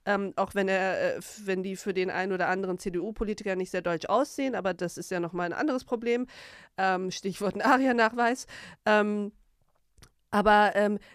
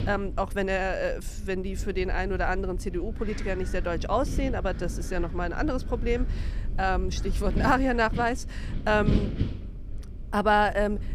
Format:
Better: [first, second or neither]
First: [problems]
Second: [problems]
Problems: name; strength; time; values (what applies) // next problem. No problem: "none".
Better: first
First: none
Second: wind noise on the microphone; occasional gusts; 15 dB below the speech